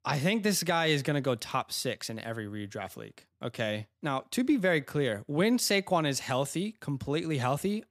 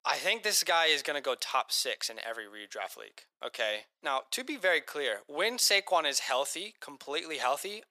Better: first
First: none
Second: thin; very; fading below 550 Hz

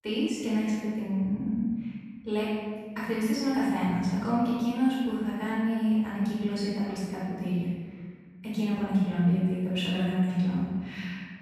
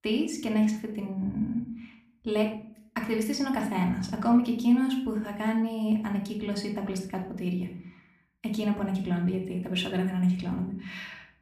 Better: second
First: room echo; strong; dies away in 1.5 s // off-mic speech; far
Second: room echo; slight; dies away in 0.5 s // off-mic speech; somewhat distant

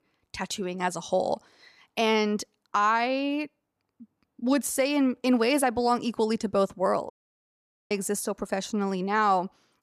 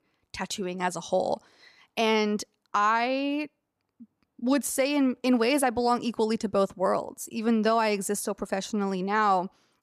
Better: second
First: audio cutting out; at 7 s for 1 s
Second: none

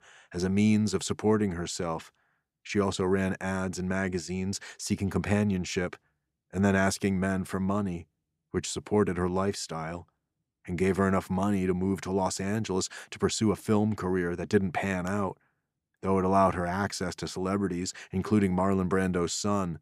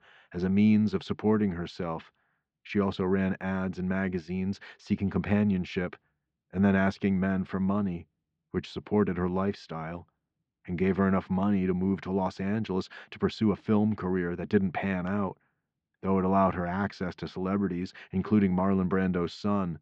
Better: first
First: none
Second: muffled; slightly; fading above 4 kHz

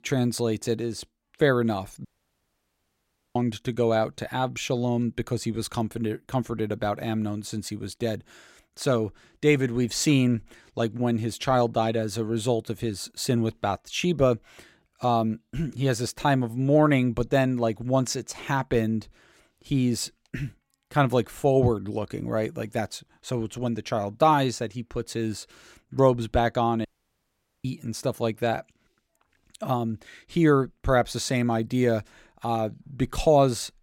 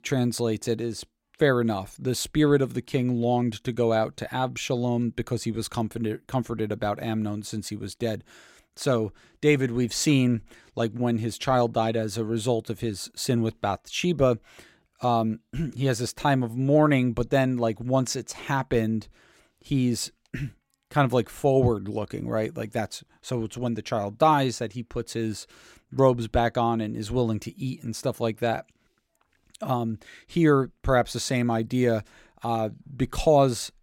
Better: second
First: audio cutting out; at 2 s for 1.5 s and at 27 s for 1 s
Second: none

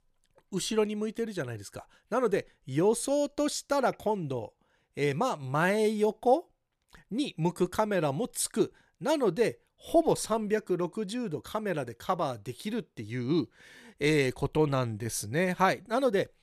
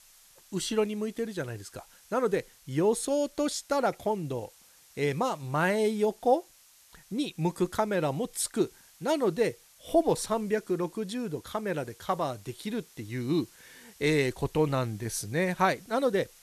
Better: first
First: none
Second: hiss; faint; throughout; 25 dB below the speech

